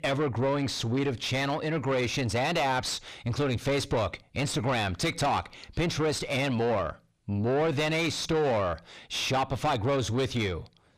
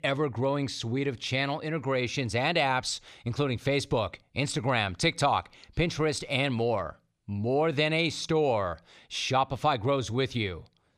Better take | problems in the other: second | distortion; heavy; 6 dB below the speech

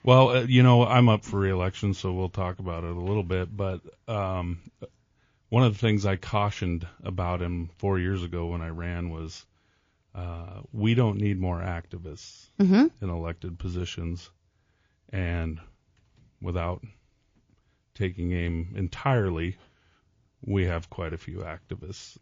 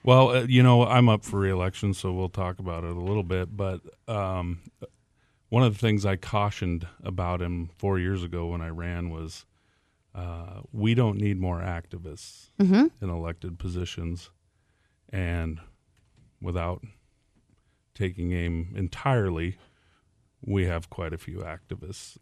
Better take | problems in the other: second | garbled, watery; slightly

